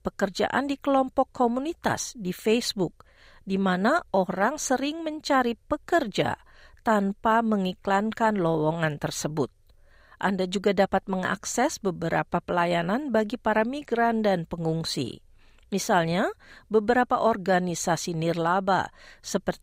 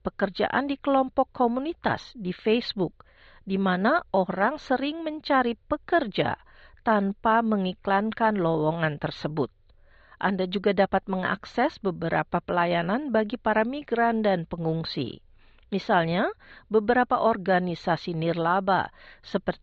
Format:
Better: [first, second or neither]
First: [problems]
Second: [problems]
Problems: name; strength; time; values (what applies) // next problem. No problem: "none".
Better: first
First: none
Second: muffled; slightly; fading above 4 kHz